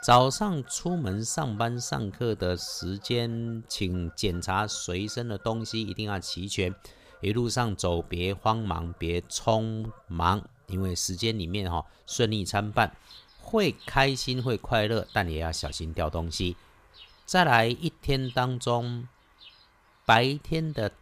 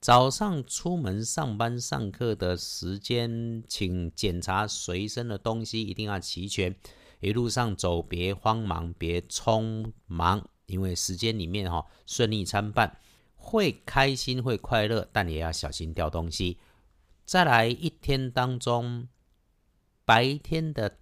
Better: second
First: animal sounds; faint; throughout; 25 dB below the speech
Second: none

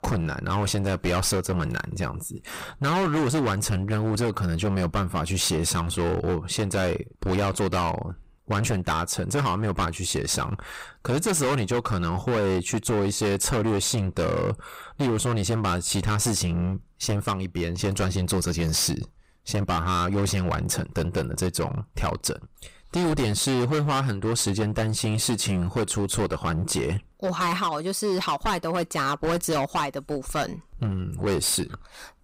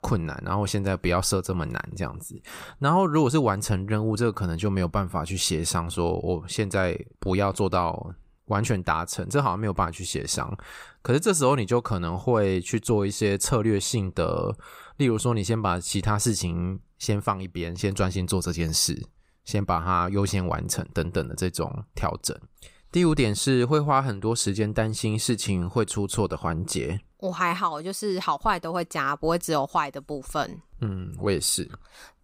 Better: second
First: distortion; heavy; 20% of the sound clipped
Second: none

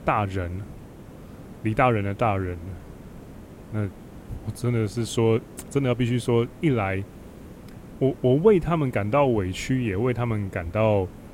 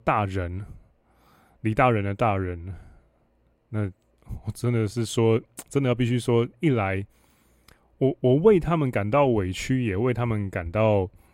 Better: second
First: hiss; noticeable; throughout; 20 dB below the speech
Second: none

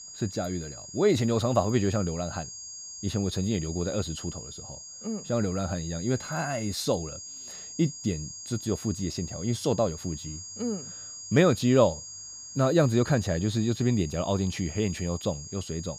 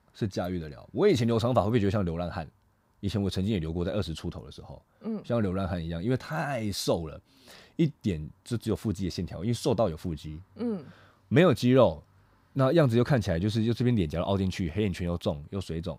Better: second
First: high-pitched whine; noticeable; throughout; 6.5 kHz, 10 dB below the speech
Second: none

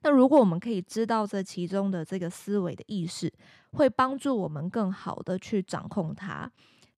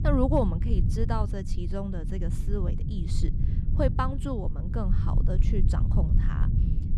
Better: first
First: none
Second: low rumble; loud; throughout; 8 dB below the speech

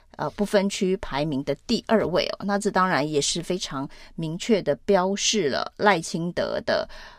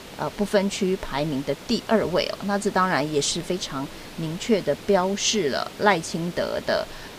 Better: first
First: none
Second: hiss; noticeable; throughout; 15 dB below the speech

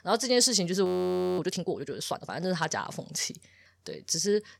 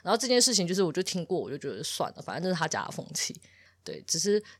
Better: second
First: audio freezing; at 1 s for 0.5 s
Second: none

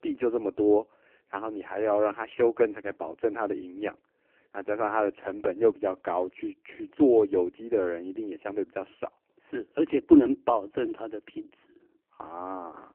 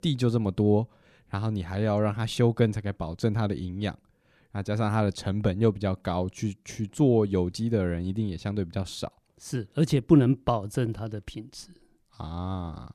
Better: second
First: phone-call audio; poor line; nothing above 8 kHz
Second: none

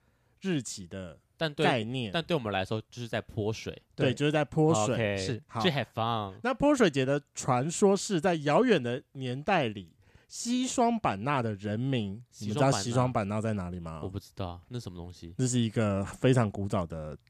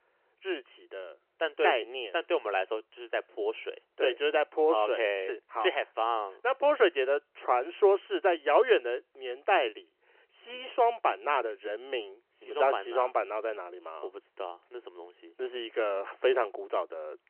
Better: first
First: none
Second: phone-call audio; nothing above 3 kHz

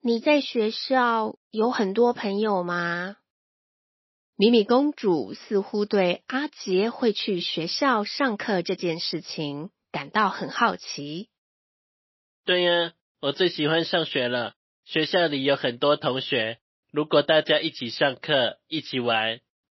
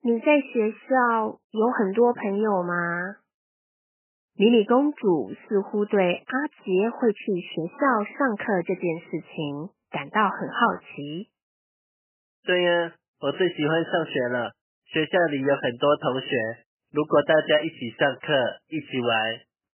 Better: first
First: garbled, watery; slightly; nothing above 5.5 kHz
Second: garbled, watery; badly; nothing above 3 kHz

